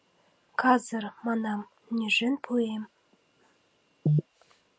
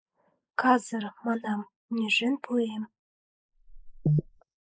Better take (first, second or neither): first